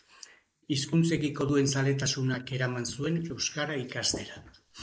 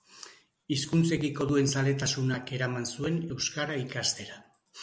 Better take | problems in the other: second | noise reduction (neural mask model Resemble Enhance denoiser)

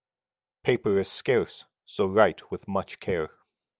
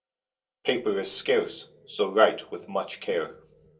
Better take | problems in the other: first | room echo; dies away in 0.2 s

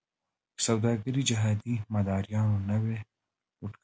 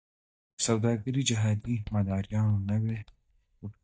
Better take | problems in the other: first | noise reduction (neural mask model DeepFilterNet 3)

